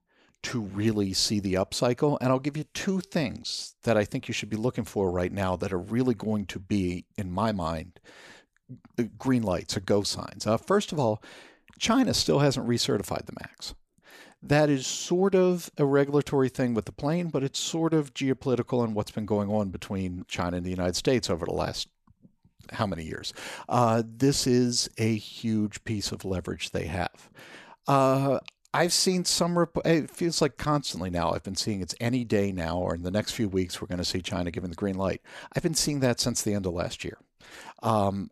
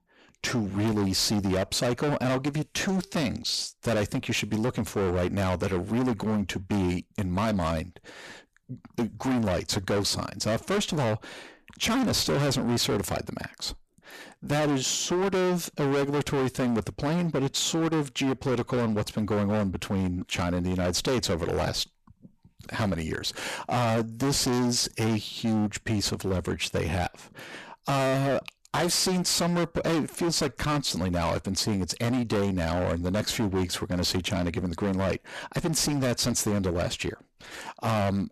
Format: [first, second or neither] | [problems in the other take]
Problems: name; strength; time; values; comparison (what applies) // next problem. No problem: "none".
first | distortion; heavy; 22% of the sound clipped